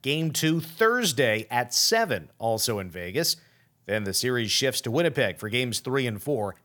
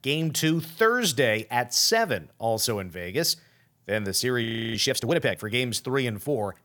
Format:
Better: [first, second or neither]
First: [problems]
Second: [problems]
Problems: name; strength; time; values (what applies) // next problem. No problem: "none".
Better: first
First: none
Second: audio freezing; at 4.5 s